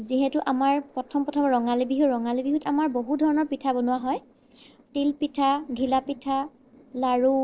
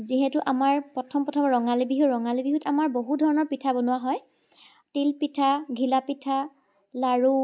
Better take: second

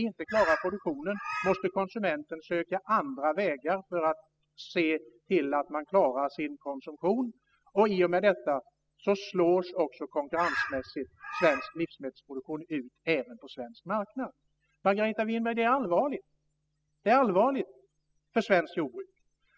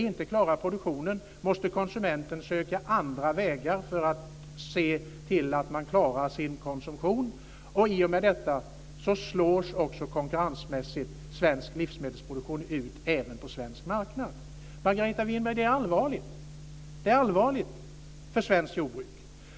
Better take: second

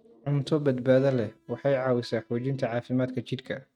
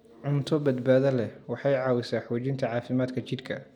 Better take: second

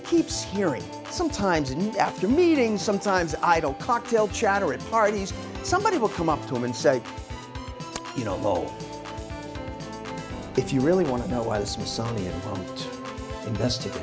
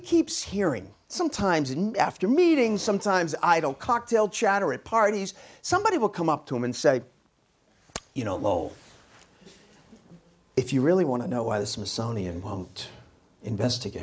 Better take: second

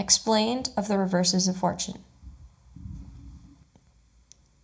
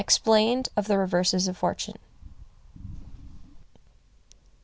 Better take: second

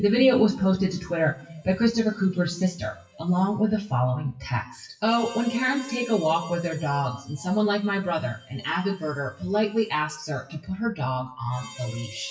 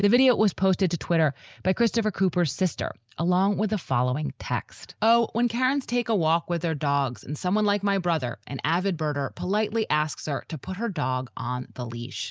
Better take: second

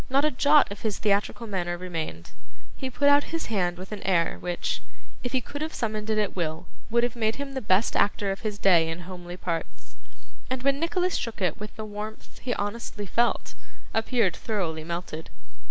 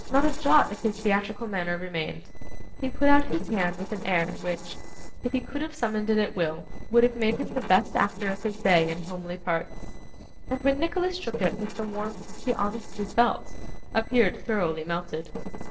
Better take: first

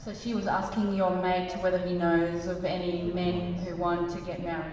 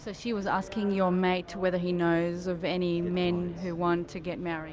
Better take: second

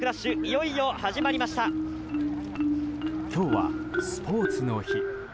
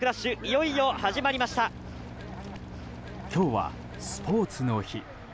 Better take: second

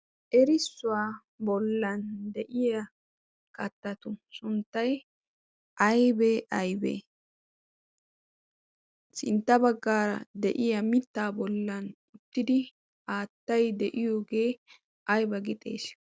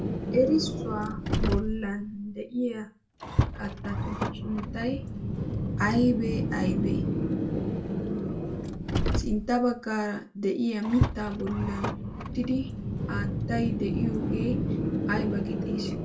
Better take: first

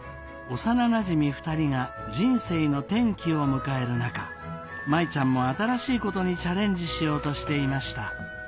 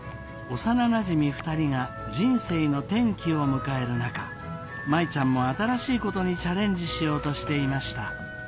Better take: first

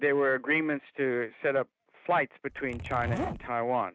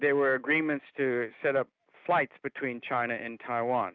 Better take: second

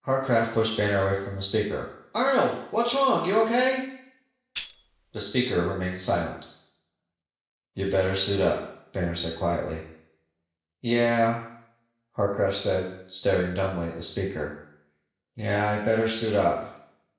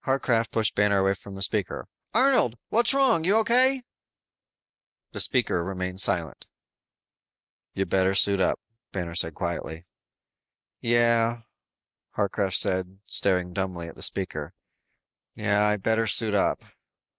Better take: second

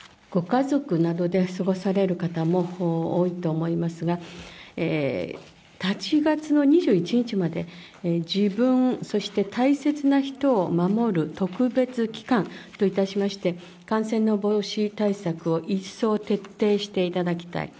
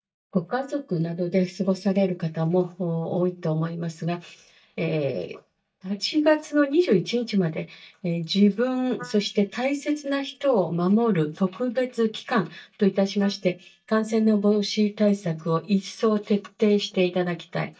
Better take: first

